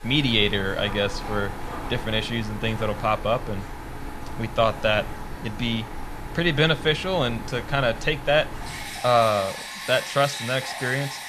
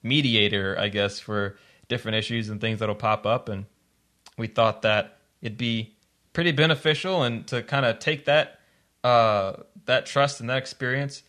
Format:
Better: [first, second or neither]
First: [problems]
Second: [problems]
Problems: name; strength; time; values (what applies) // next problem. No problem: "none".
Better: second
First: rain or running water; noticeable; throughout; 10 dB below the speech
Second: none